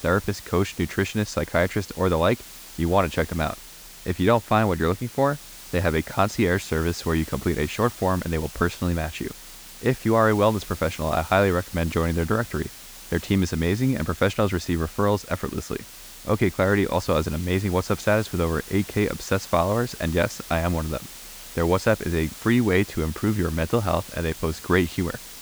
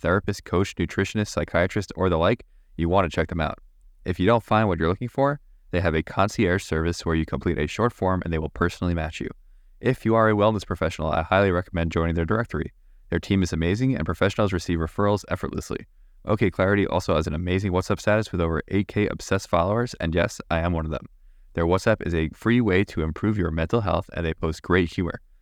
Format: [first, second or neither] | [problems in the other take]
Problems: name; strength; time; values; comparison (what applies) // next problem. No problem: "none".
second | hiss; noticeable; throughout; 15 dB below the speech